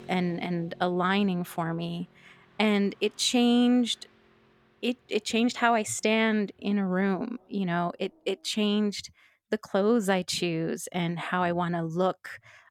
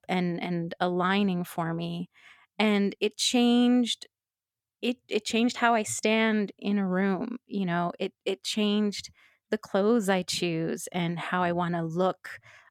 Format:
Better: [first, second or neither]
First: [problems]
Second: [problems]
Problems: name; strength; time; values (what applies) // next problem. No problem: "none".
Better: second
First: traffic noise; faint; until 8.5 s; 30 dB below the speech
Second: none